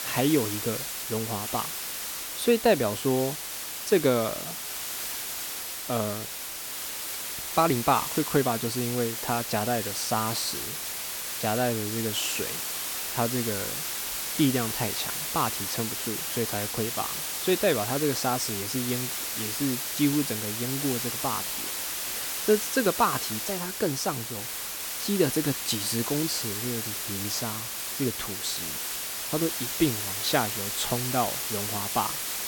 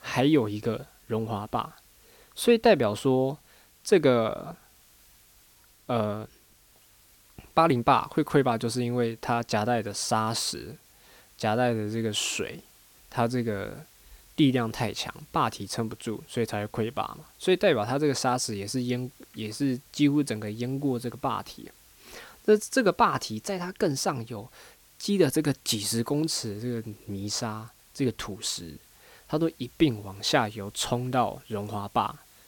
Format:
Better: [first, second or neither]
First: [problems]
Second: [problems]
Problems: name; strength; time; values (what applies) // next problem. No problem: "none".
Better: second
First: hiss; loud; throughout; 2 dB below the speech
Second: hiss; faint; throughout; 30 dB below the speech